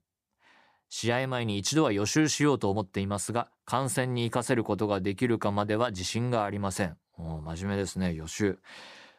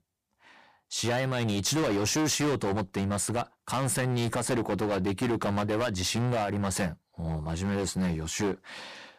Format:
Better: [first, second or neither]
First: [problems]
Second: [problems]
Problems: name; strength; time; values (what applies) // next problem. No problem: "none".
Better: first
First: none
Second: distortion; heavy; 19% of the sound clipped